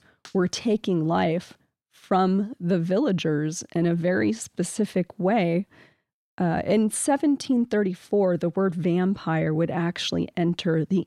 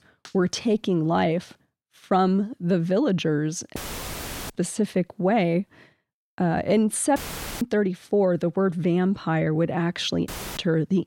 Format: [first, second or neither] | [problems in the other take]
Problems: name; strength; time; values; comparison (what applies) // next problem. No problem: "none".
first | audio cutting out; filled with static; at 4 s for 0.5 s, at 7 s and at 10 s